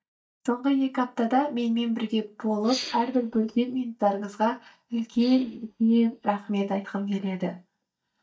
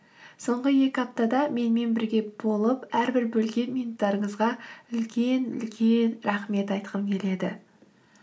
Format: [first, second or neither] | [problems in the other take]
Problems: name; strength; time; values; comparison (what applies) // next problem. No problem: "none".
second | noise reduction (neural mask model DeepFilterNet 3)